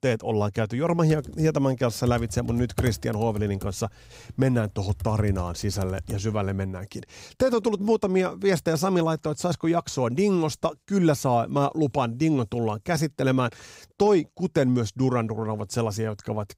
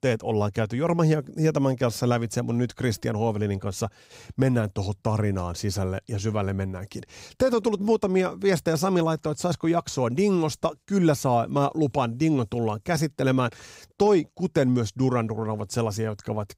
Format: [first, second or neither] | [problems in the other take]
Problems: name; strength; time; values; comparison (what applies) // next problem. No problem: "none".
second | keyboard typing; noticeable; from 1 to 6 s; peak 7 dB below the speech